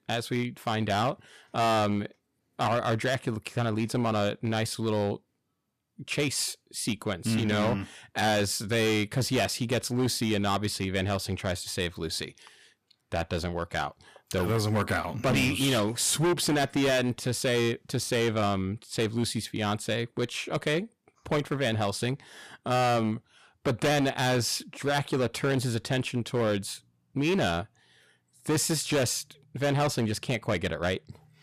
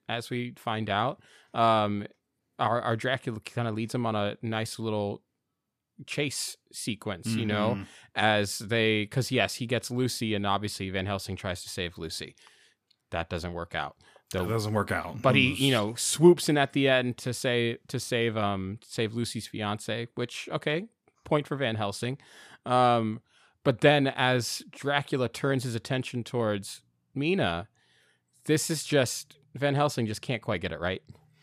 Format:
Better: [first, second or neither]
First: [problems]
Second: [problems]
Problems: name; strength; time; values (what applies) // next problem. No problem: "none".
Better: second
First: distortion; heavy; 10% of the sound clipped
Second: none